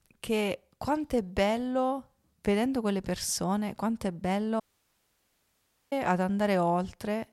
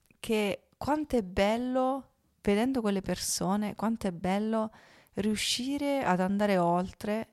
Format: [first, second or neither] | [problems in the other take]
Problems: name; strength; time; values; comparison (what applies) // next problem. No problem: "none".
second | audio cutting out; at 4.5 s for 1.5 s